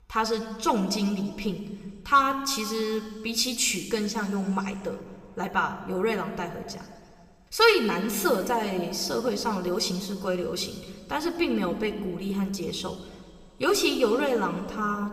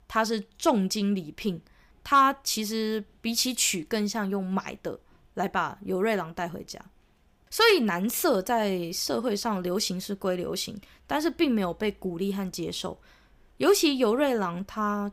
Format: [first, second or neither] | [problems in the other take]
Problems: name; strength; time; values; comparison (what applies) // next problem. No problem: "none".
second | room echo; slight; dies away in 1.6 s